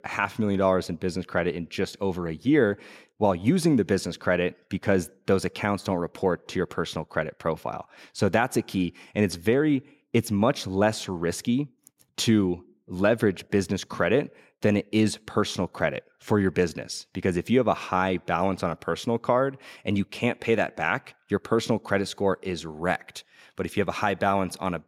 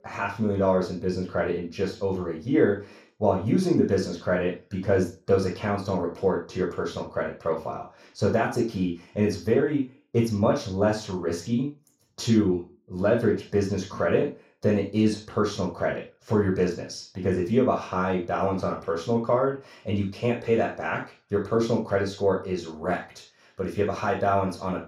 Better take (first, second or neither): first